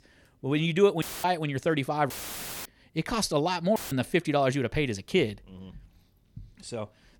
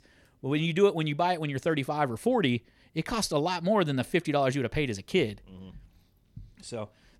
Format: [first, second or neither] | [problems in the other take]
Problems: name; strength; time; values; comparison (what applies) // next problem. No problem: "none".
second | audio cutting out; filled with static; at 1 s, at 2 s for 0.5 s and at 4 s